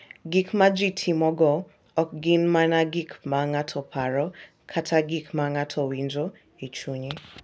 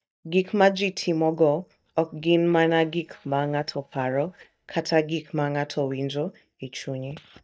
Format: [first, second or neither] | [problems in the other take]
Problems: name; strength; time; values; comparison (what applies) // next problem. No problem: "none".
first | noise reduction (neural mask model DeepFilterNet 3)